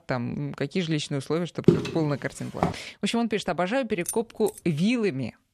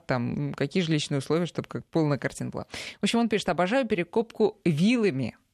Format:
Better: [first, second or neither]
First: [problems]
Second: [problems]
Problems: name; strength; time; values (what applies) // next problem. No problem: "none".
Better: second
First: footsteps; loud; from 1.5 to 2.5 s; peak 5 dB above the speech // jangling keys; noticeable; at 4 s; peak 6 dB below the speech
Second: none